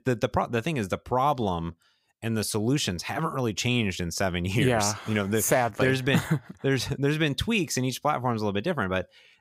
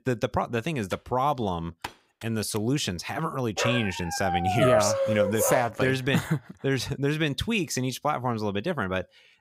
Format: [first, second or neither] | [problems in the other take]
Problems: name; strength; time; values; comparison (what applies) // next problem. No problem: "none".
first | keyboard typing; faint; from 1 to 2.5 s; peak 15 dB below the speech // dog barking; loud; from 3.5 to 5.5 s; peak 4 dB above the speech